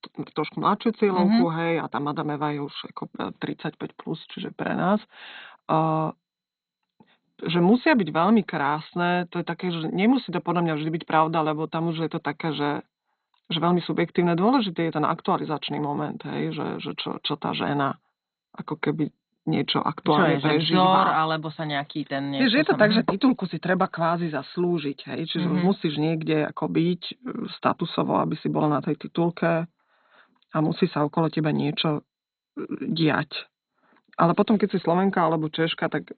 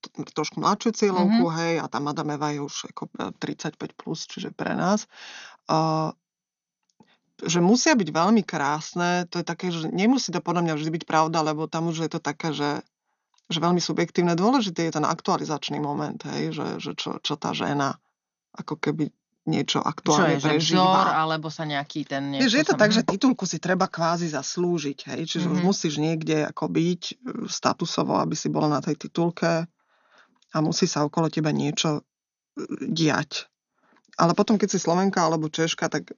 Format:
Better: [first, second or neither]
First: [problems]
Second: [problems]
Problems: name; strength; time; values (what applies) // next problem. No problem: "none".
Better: second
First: garbled, watery; badly; nothing above 4 kHz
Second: garbled, watery; slightly; nothing above 6.5 kHz